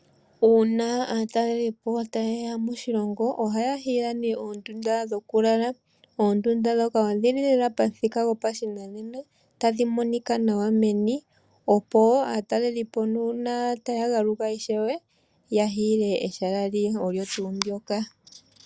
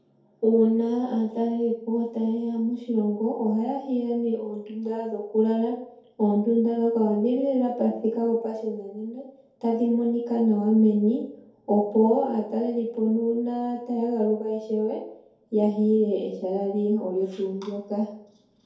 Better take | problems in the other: first | room echo; dies away in 2.3 s

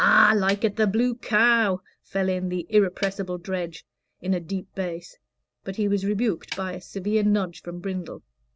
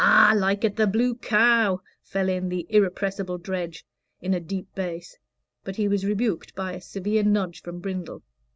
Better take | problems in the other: second | background sound (Snare drum); 17 dB below the speech

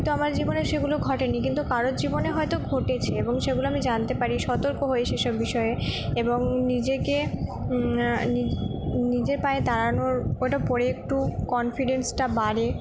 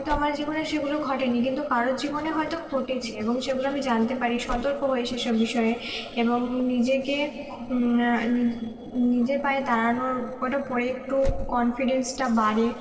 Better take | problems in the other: first | noise reduction (neural separator model SepFormer DNS4)

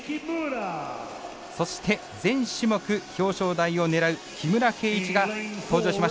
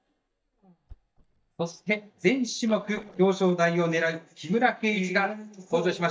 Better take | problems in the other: first | noise reduction (neural mask model DeepFilterNet 3)

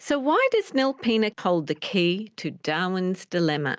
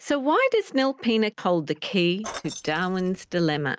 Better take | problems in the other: first | noise reduction (neural mask model RNNoise)

